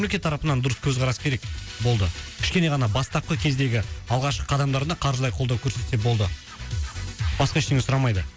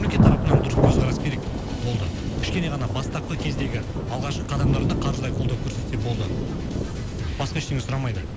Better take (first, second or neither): first